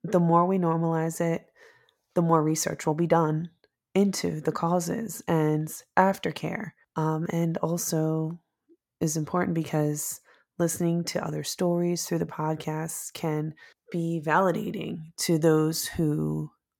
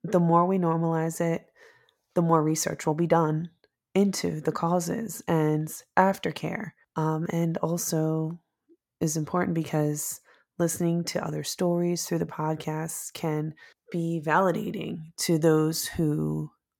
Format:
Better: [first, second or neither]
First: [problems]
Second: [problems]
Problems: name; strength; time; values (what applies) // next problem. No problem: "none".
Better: neither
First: none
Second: none